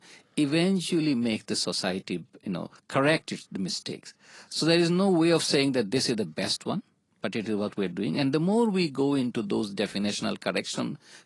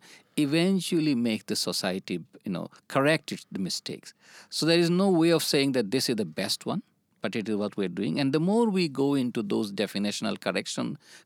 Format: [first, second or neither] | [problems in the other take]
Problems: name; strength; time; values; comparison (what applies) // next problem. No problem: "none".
second | garbled, watery; slightly; nothing above 10.5 kHz